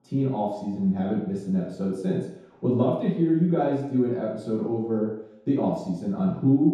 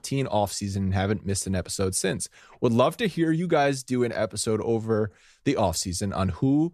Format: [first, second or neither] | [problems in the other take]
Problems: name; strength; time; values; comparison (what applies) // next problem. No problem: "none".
second | room echo; strong; dies away in 0.8 s // off-mic speech; far